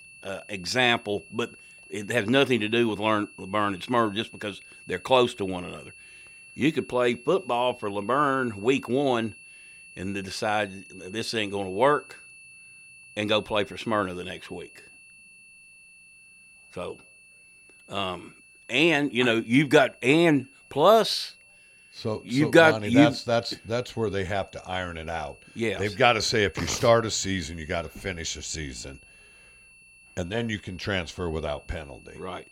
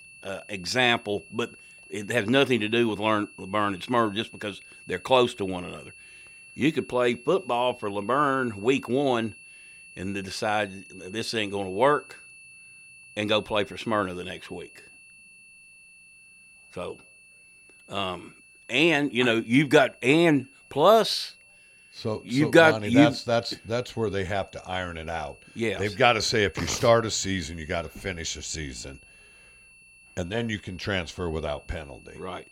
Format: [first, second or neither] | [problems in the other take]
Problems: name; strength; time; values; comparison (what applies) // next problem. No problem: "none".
neither | high-pitched whine; faint; throughout; 2.5 kHz, 25 dB below the speech; the same in both